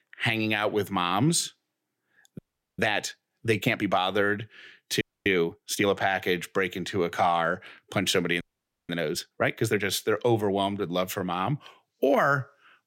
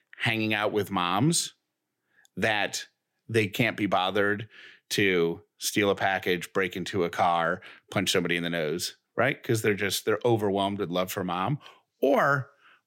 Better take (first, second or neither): second